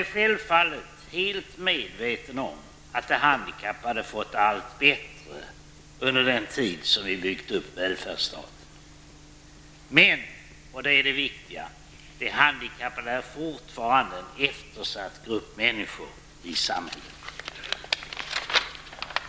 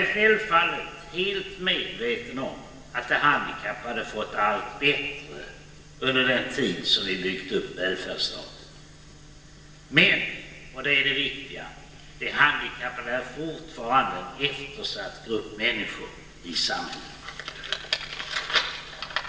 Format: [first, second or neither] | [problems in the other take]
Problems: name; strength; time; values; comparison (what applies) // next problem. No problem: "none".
first | room echo; dies away in 2.4 s